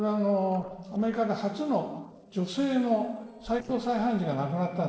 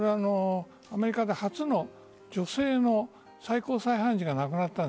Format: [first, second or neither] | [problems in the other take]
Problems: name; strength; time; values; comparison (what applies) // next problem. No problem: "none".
second | noise reduction (neural separator model SepFormer DNS4)